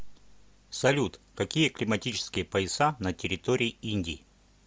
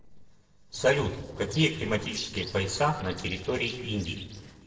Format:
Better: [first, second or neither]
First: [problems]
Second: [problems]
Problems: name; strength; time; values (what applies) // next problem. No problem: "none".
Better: first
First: none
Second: noise reduction (neural separator model SepFormer DNS4)